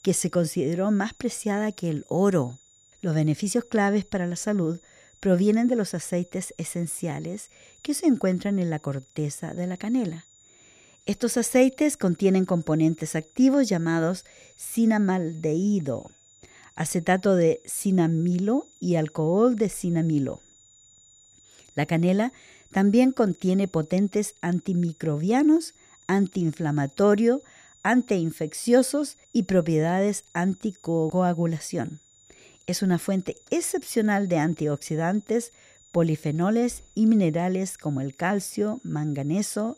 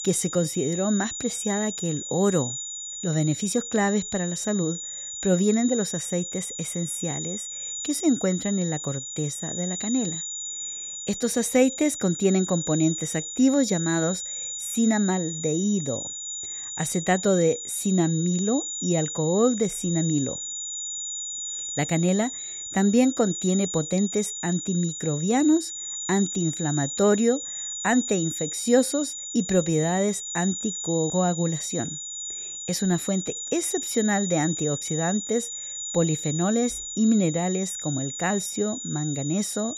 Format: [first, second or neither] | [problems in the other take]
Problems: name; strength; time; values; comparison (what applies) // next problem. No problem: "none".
first | high-pitched whine; loud; throughout; 7 kHz, 6 dB below the speech; faint in the first